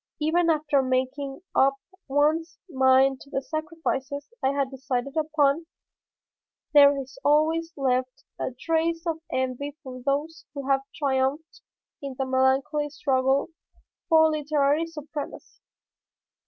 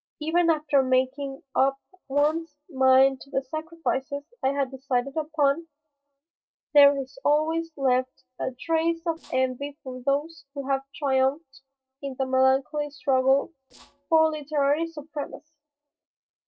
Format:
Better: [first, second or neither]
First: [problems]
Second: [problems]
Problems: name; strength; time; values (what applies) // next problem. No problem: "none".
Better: first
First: none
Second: noise reduction (neural separator model SepFormer DNS4)